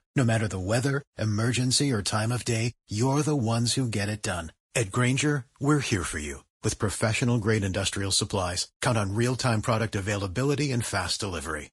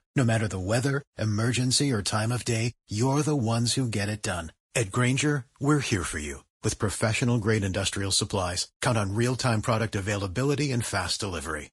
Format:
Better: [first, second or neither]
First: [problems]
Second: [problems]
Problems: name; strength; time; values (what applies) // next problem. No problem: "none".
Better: neither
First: garbled, watery; slightly; nothing above 11 kHz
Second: garbled, watery; slightly; nothing above 11 kHz